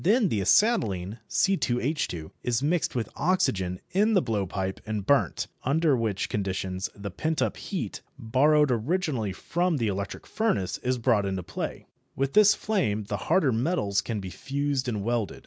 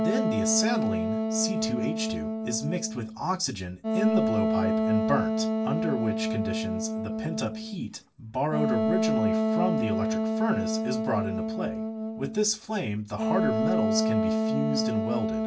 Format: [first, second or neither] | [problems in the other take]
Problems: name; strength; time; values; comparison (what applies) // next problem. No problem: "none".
first | background sound (Wind instrument, woodwind instrument); 4 dB above the speech // room echo; dies away in 0.2 s